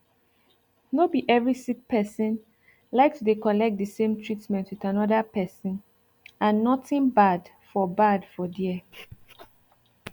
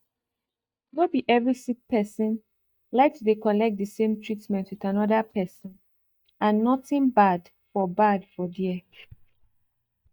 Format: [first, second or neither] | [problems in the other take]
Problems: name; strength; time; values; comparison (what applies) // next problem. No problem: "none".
first | noise reduction (neural mask model DeepFilterNet 3)